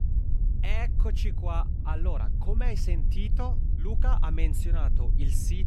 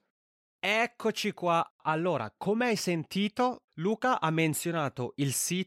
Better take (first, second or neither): second